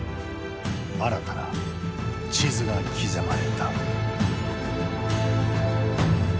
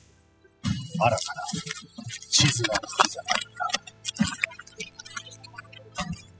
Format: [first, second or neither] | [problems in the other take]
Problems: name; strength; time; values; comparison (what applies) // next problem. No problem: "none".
first | noise reduction (classical method spectral subtraction)